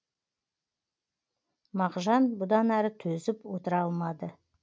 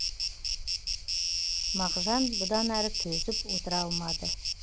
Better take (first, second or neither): first